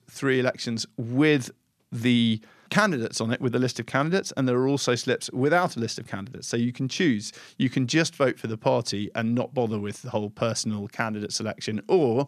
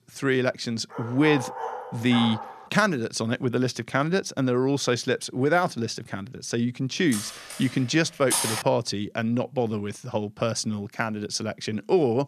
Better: first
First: none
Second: dog barking; noticeable; from 1 to 2.5 s; peak 7 dB below the speech // clattering dishes; loud; from 7 to 8.5 s; peak 2 dB above the speech

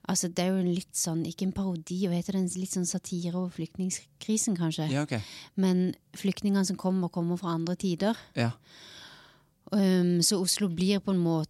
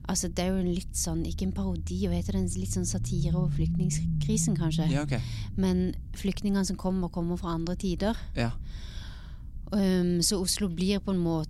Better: first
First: none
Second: low rumble; loud; throughout; 10 dB below the speech

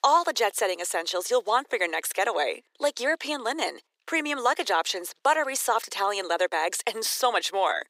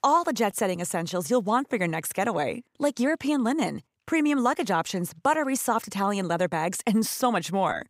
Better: second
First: thin; very; fading below 350 Hz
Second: none

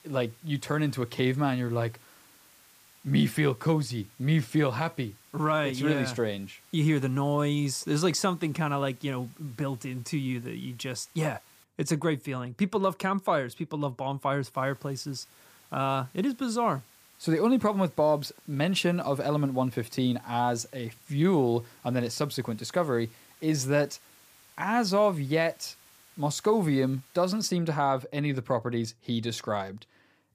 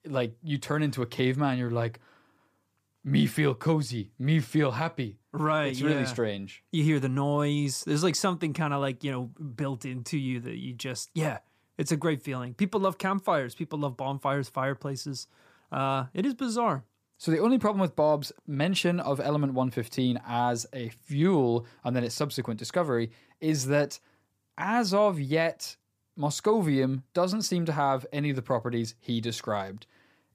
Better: second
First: hiss; faint; until 12 s and from 15 to 27 s; 25 dB below the speech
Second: none

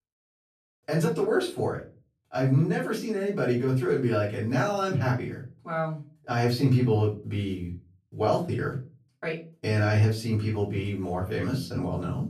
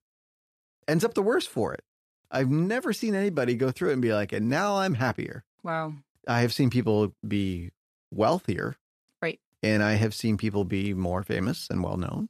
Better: second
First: room echo; slight; dies away in 0.3 s // off-mic speech; far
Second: none

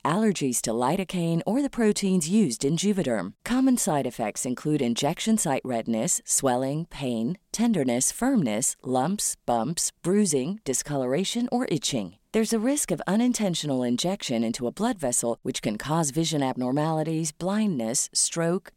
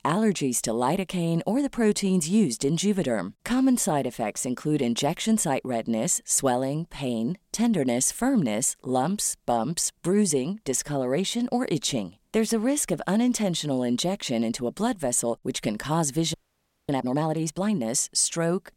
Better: first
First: none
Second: audio freezing; at 16 s for 0.5 s

